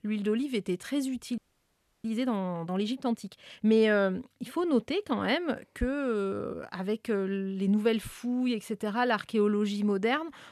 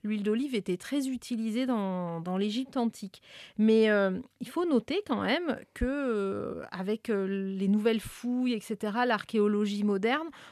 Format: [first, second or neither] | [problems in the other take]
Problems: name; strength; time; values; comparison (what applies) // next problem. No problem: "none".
second | audio freezing; at 1.5 s for 0.5 s